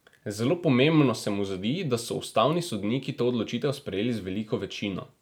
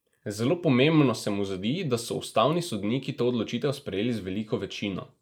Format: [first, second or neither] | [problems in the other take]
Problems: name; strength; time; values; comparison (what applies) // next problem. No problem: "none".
first | noise reduction (neural mask model Resemble Enhance denoiser)